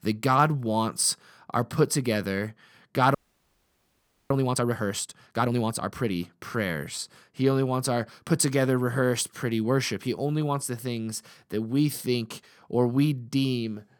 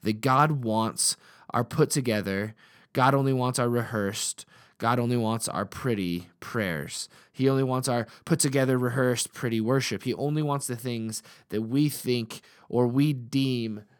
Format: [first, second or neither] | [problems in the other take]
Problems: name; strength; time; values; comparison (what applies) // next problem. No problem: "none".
second | audio freezing; at 3 s for 1 s